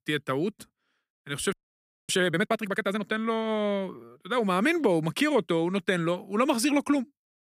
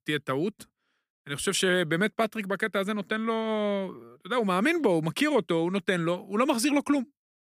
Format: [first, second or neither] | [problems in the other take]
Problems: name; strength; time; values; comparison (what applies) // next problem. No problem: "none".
second | audio freezing; at 1.5 s for 0.5 s